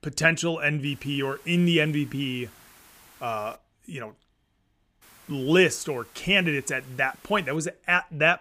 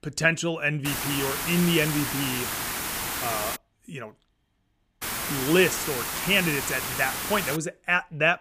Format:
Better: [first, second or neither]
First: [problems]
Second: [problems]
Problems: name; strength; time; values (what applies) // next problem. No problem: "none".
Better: first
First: hiss; faint; from 1 to 3.5 s and from 5 to 7.5 s; 25 dB below the speech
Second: hiss; loud; from 1 to 3.5 s and from 5 to 7.5 s; 3 dB below the speech